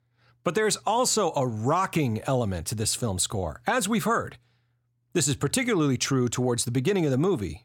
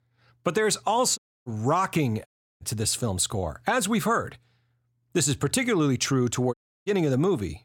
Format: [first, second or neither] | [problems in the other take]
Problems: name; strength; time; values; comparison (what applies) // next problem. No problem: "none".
first | audio cutting out; at 1 s, at 2.5 s and at 6.5 s